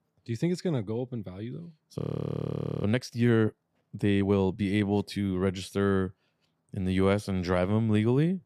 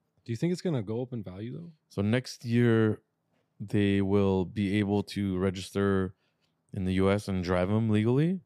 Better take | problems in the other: second | audio freezing; at 2 s for 1 s

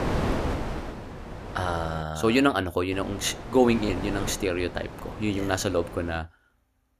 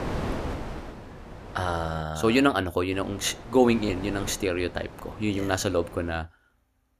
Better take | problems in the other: second | wind noise on the microphone; heavy; until 2 s and from 3 to 6 s; 9 dB below the speech; occasional gusts in the second

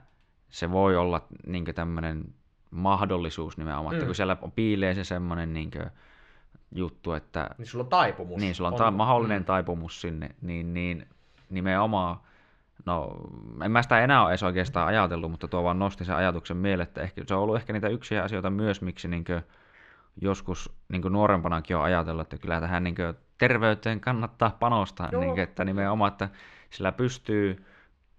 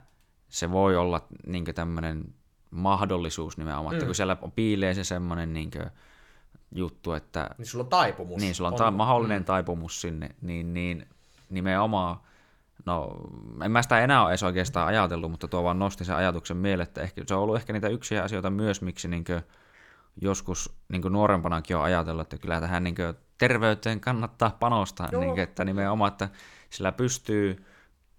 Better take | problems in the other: second | muffled; slightly; fading above 3 kHz

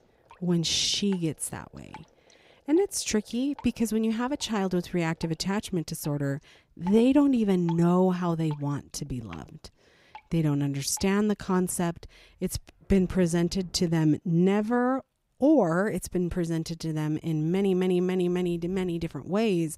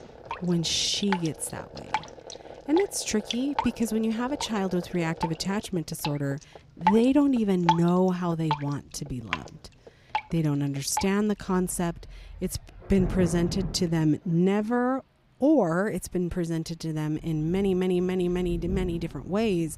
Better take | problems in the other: first | rain or running water; loud; throughout; 8 dB below the speech; faint in the first

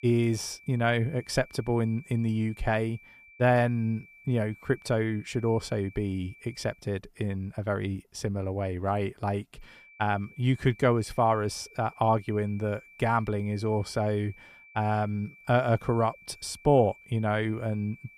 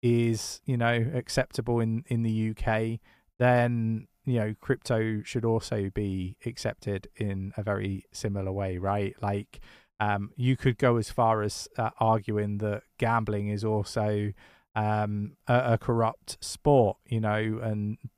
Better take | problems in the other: second | high-pitched whine; faint; until 7 s and from 9.5 s on; 2.5 kHz, 25 dB below the speech

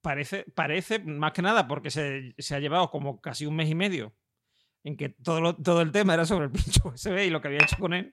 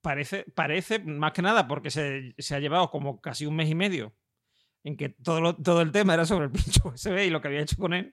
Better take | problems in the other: second | clattering dishes; loud; at 7.5 s; peak 5 dB above the speech

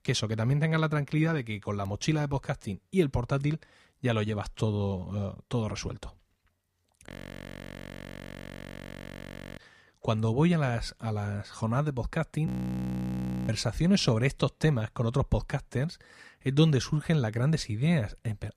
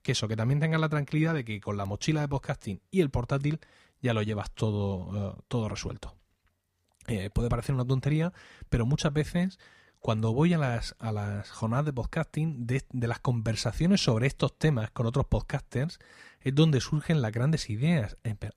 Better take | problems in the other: second | audio freezing; at 7 s for 2.5 s and at 12 s for 1 s

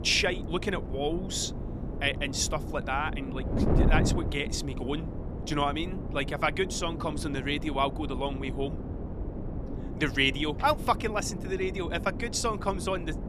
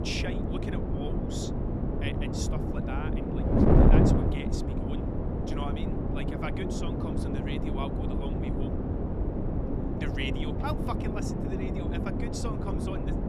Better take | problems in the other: first | wind noise on the microphone; heavy; 4 dB above the speech; occasional gusts in the first

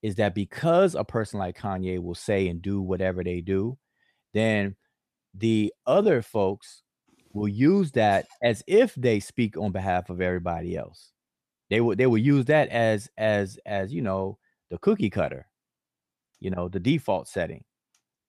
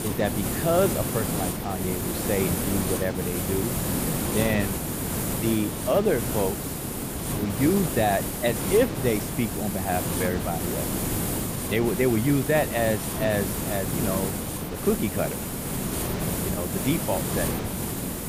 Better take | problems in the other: first | hiss; loud; throughout; 1 dB below the speech

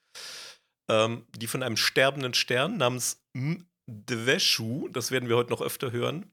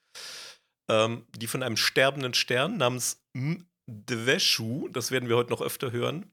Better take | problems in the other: neither | none

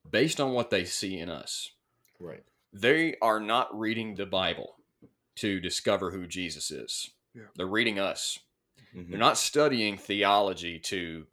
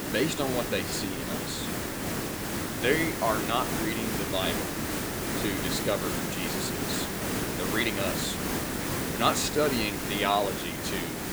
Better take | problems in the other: first | hiss; loud; throughout; as loud as the speech

